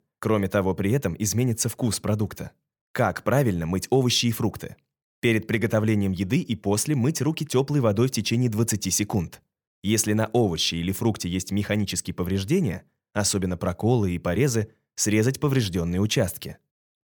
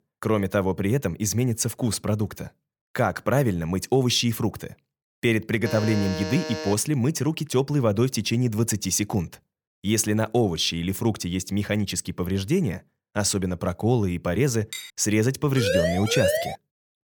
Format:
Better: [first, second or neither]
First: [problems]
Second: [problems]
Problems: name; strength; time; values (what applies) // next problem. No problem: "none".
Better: first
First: none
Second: alarm; noticeable; from 5.5 to 6.5 s; peak 7 dB below the speech // clattering dishes; faint; at 15 s; peak 10 dB below the speech // siren; loud; at 16 s; peak 1 dB above the speech